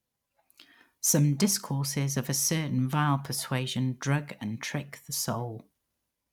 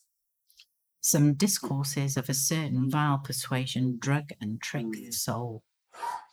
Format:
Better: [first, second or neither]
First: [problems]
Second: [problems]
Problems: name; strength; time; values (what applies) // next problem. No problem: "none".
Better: first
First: none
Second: noise reduction (neural mask model Resemble Enhance denoiser)